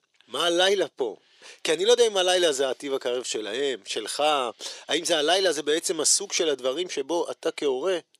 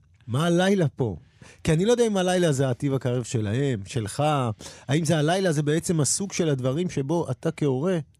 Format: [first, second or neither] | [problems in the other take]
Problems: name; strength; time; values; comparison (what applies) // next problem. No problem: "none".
second | thin; very; fading below 400 Hz